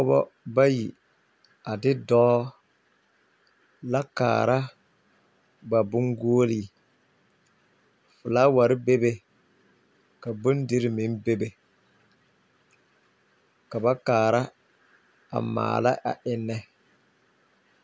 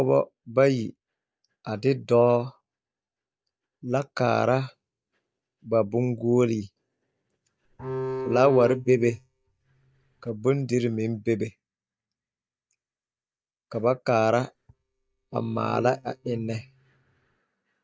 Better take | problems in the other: first | noise reduction (neural mask model DeepFilterNet 3)

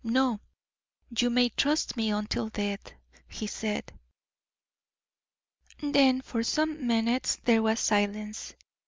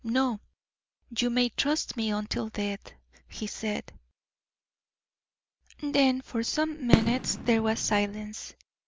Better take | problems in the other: first | background sound (Fireworks); as loud as the speech

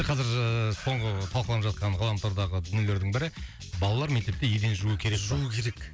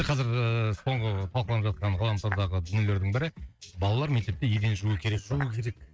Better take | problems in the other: first | noise reduction (neural mask model RNNoise)

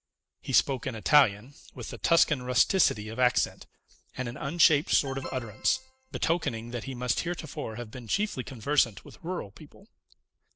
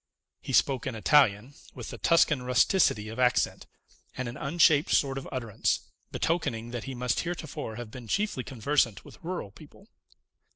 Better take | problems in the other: second | background sound (Alarm); 16 dB below the speech

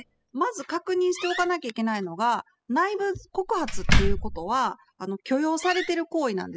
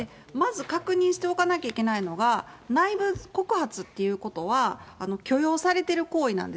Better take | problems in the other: second | noise reduction (classical method spectral subtraction)

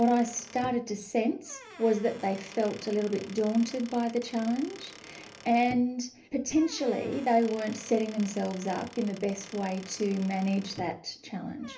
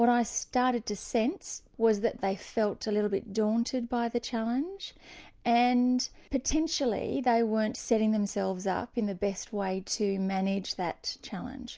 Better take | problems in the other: second | background sound (Squeak / Wood); 19 dB below the speech // room echo; dies away in 0.3 s

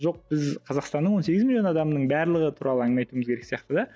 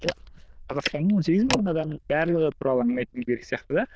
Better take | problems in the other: first | noise reduction (neural diffusion model UNIVERSE++)

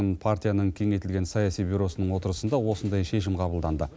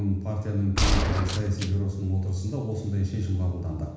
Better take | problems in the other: first | background sound (Gunshot, gunfire); as loud as the speech // room echo; dies away in 1.1 s

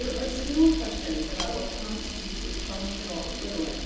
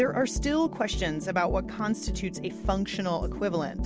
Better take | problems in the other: second | background sound (Camera); 4 dB below the speech // room echo; dies away in 1.1 s

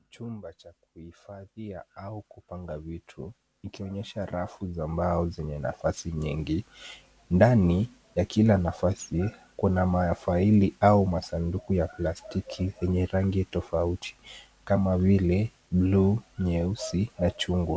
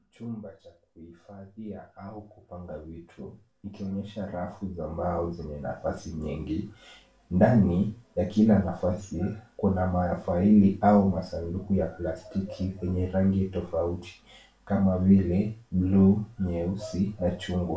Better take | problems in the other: first | room echo; dies away in 0.3 s

